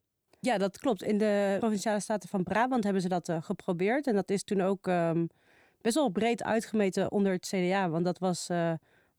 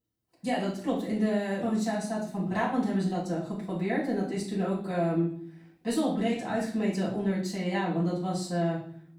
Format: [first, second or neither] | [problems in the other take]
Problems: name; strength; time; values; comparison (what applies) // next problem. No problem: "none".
first | off-mic speech; far // room echo; noticeable; dies away in 0.5 s